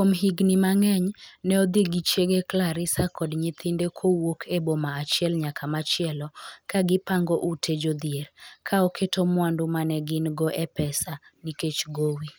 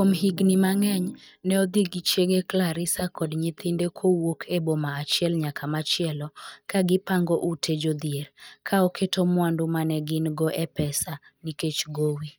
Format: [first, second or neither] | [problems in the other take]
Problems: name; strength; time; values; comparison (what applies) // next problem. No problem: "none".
first | noise reduction (neural mask model DeepFilterNet 3)